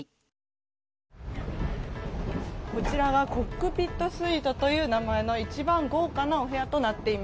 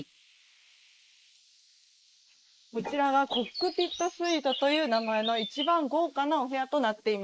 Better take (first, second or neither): first